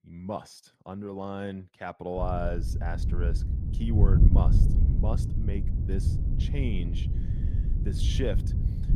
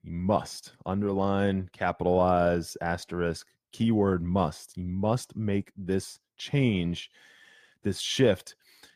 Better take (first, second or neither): second